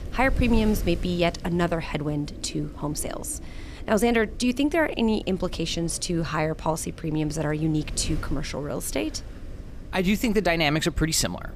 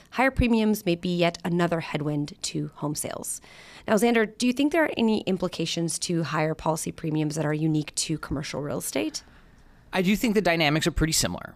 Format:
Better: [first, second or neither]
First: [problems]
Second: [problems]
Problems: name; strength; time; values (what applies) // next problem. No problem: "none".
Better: second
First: wind noise on the microphone; occasional gusts; 20 dB below the speech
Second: none